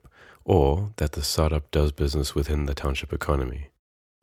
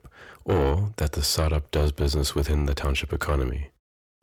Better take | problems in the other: first | distortion; heavy; 7 dB below the speech

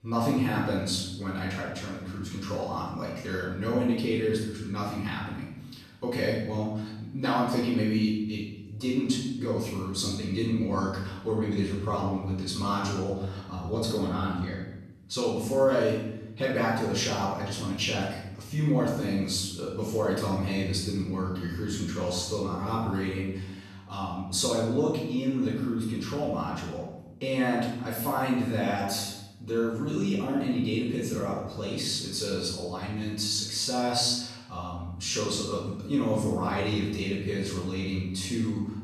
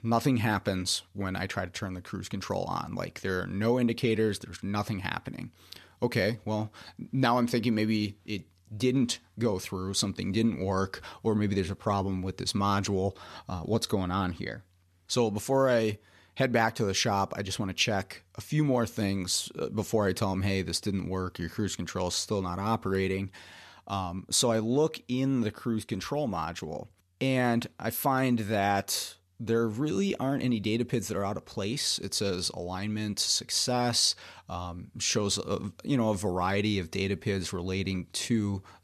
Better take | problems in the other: second | off-mic speech; far // room echo; noticeable; dies away in 0.9 s

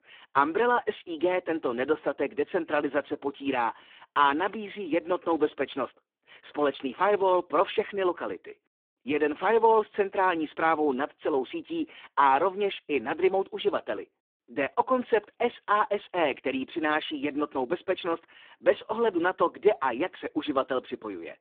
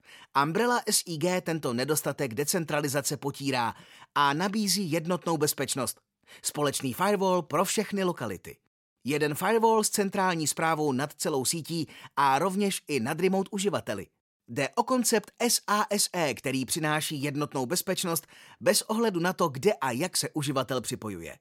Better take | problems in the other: second | phone-call audio; poor line

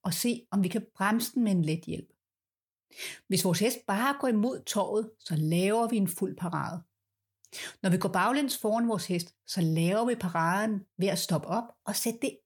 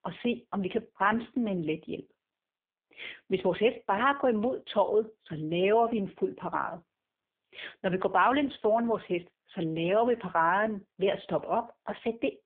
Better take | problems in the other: first | phone-call audio; poor line; nothing above 3.5 kHz

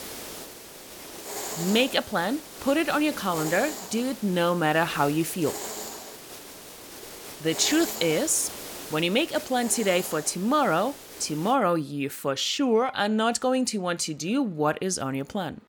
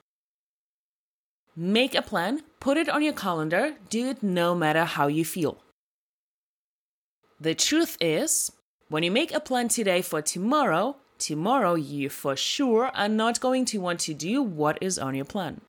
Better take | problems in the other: second | hiss; noticeable; until 12 s; 10 dB below the speech

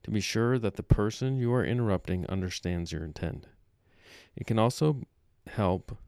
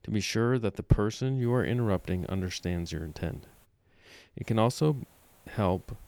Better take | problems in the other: first | hiss; faint; from 1.5 to 3.5 s and from 4.5 s on; 30 dB below the speech

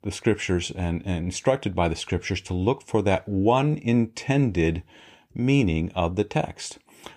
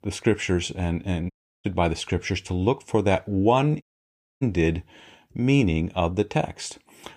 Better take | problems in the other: first | audio cutting out; at 1.5 s and at 4 s for 0.5 s

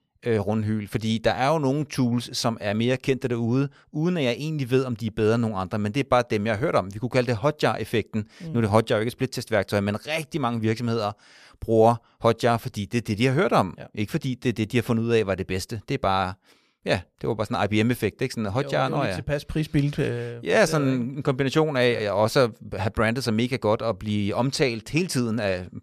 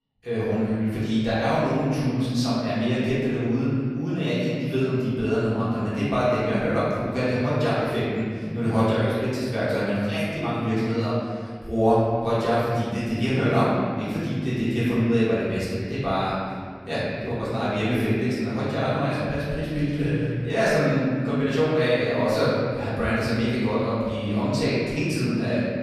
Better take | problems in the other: first | room echo; strong; dies away in 2 s // off-mic speech; far

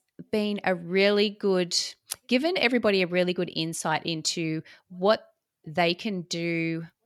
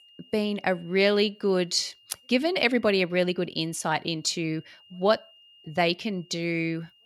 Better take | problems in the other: first | high-pitched whine; faint; throughout; 3 kHz, 30 dB below the speech

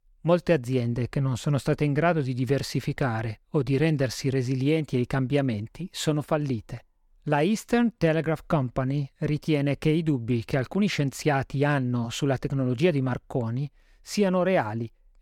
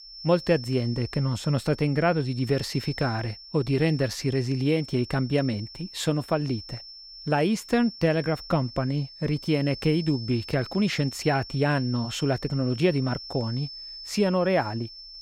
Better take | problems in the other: first | high-pitched whine; noticeable; throughout; 5.5 kHz, 15 dB below the speech

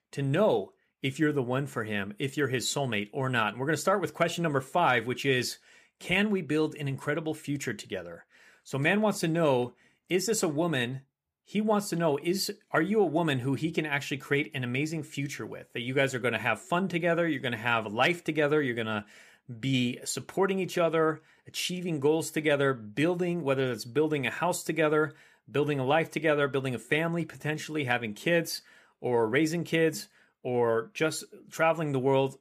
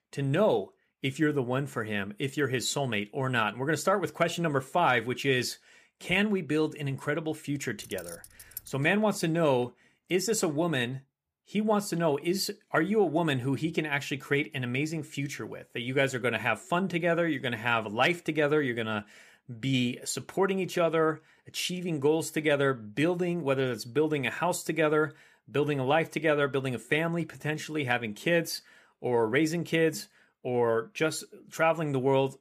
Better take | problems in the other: first | jangling keys; faint; at 8 s; peak 15 dB below the speech

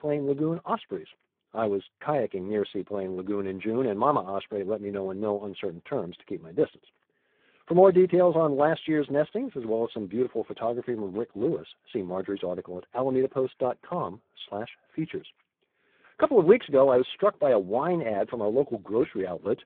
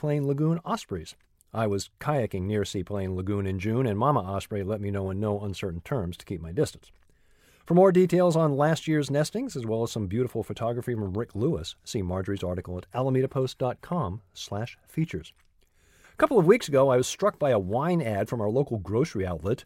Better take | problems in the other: second | phone-call audio; poor line

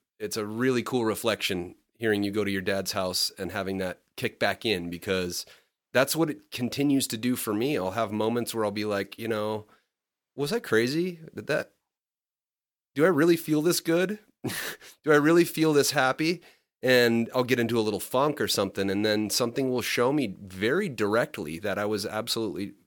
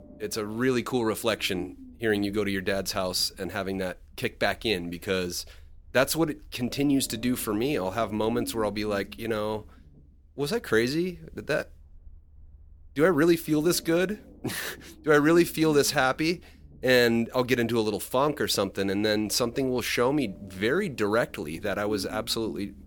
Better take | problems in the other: first | low rumble; faint; throughout; 25 dB below the speech

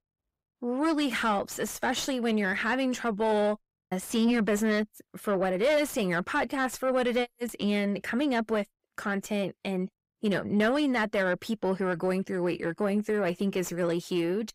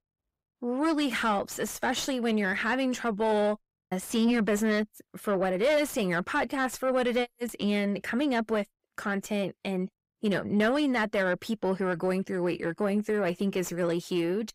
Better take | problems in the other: neither | distortion; slight; 10 dB below the speech; the same in both

